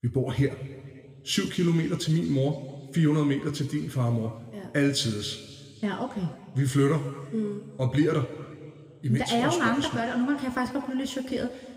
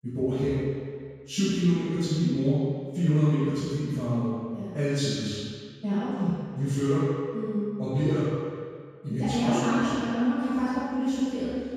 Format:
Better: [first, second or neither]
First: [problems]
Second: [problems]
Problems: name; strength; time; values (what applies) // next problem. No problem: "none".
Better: first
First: room echo; slight; dies away in 1.9 s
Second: room echo; strong; dies away in 1.8 s // off-mic speech; far